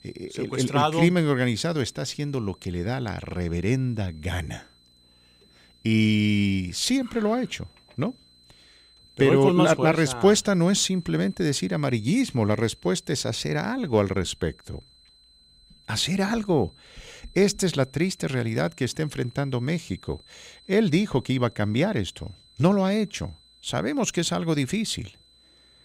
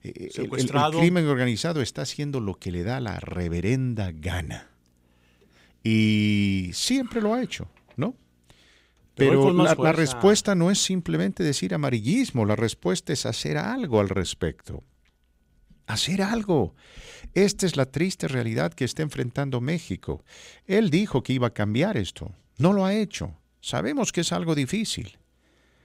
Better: second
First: high-pitched whine; faint; throughout; 4 kHz, 30 dB below the speech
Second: none

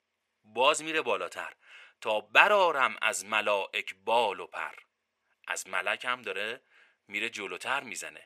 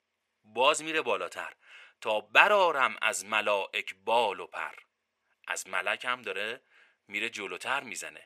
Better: neither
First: thin; very; fading below 600 Hz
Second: thin; very; fading below 600 Hz

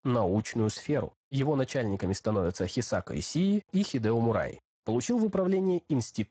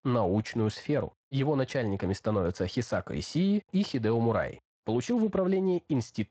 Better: second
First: garbled, watery; badly; nothing above 8 kHz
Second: garbled, watery; slightly; nothing above 7.5 kHz

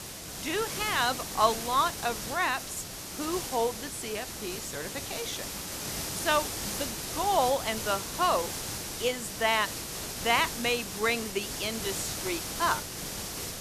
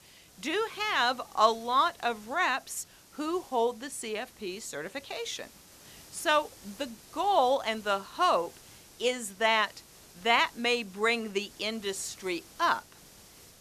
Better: second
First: hiss; loud; throughout; 5 dB below the speech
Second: hiss; faint; throughout; 20 dB below the speech

